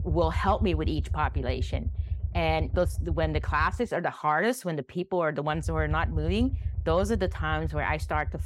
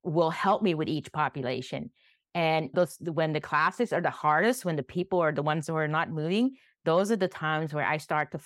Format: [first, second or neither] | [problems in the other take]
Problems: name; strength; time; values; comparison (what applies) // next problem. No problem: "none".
second | low rumble; faint; until 4 s and from 5.5 s on; 20 dB below the speech